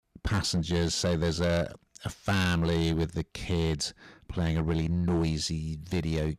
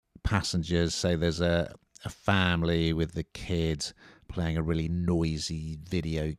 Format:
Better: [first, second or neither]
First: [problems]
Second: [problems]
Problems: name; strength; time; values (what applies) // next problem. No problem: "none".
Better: second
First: distortion; slight; 11% of the sound clipped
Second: none